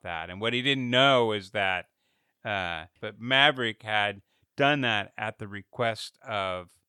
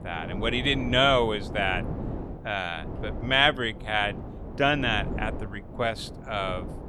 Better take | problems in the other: first | wind noise on the microphone; occasional gusts; 15 dB below the speech

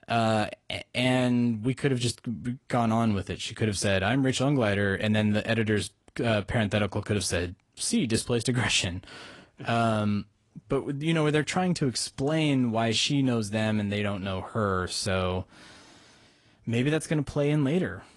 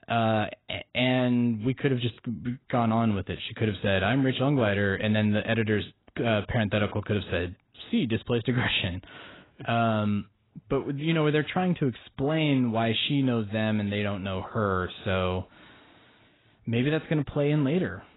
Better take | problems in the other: first | garbled, watery; badly; nothing above 4 kHz; slightly in the first

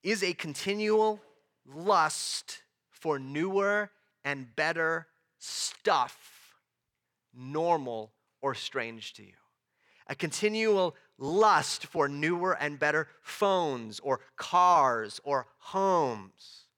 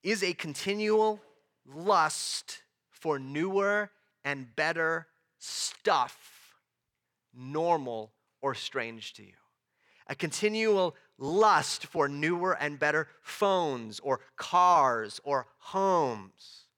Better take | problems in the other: neither | none

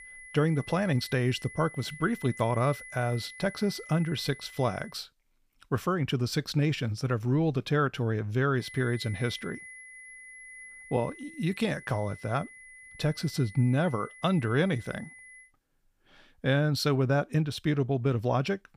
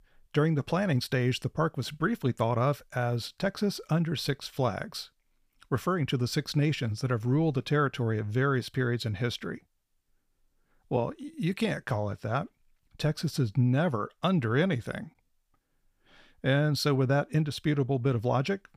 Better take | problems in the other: second | high-pitched whine; noticeable; until 5 s and from 8.5 to 15 s; 2 kHz, 15 dB below the speech

